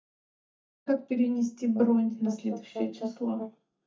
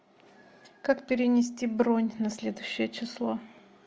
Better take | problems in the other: second | noise reduction (neural mask model DeepFilterNet 3)

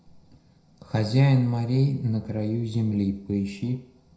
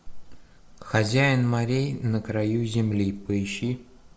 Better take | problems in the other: second | room echo; dies away in 0.4 s

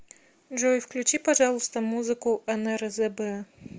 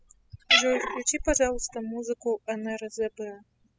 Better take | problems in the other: first | noise reduction (classical method spectral subtraction)

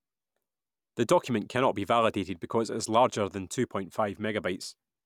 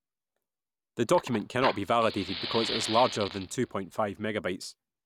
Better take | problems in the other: first | background sound (Fire); 9 dB below the speech

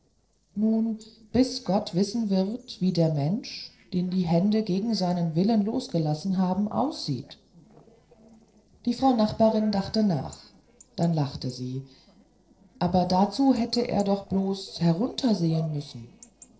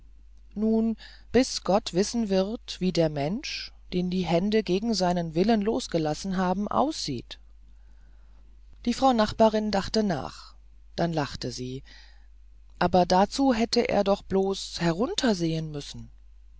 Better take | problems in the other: second | noise reduction (neural separator model SepFormer DNS4)

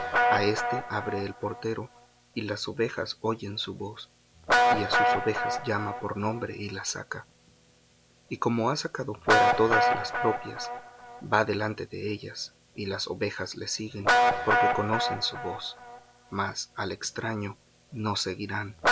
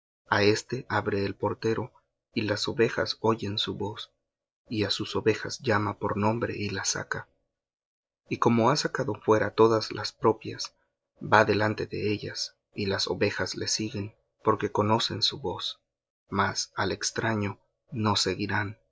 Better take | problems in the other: second | background sound (Guitar); 2 dB above the speech

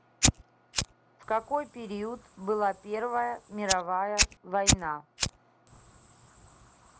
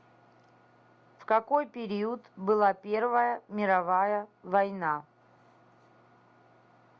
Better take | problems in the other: second | background sound (Fire); as loud as the speech

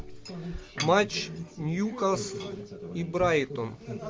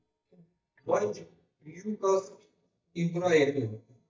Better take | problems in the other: first | noise reduction (neural mask model DeepFilterNet 3)

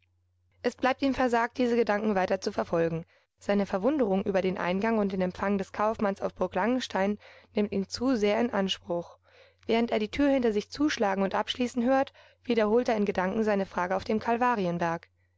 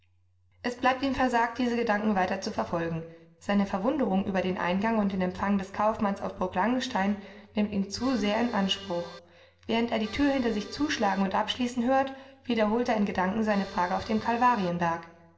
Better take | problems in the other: first | background sound (Accordion); 18 dB below the speech // room echo; dies away in 0.8 s

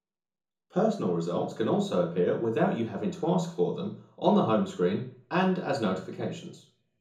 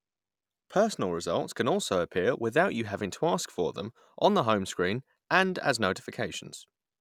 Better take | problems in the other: second | room echo; dies away in 0.6 s

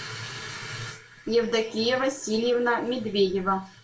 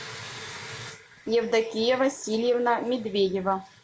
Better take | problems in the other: second | room echo; dies away in 0.2 s

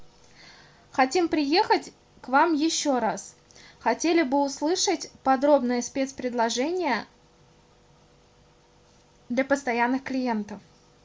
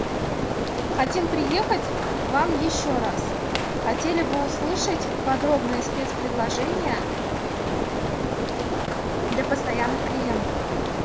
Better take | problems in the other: first | background sound (Rain); 3 dB above the speech

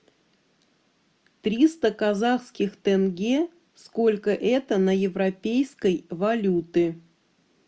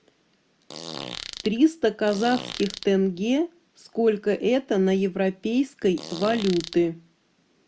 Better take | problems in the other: first | background sound (Fart); 13 dB below the speech

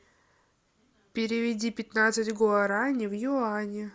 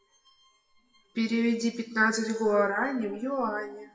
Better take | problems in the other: first | noise reduction (classical method WPE with log-MMSE)

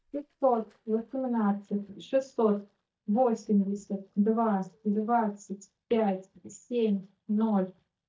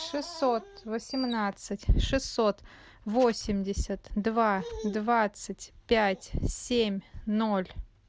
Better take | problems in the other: second | noise reduction (neural mask model DeepFilterNet 3)

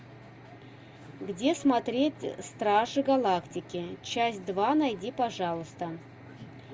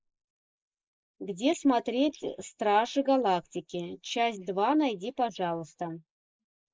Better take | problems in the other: first | noise reduction (neural mask model Resemble Enhance denoiser)

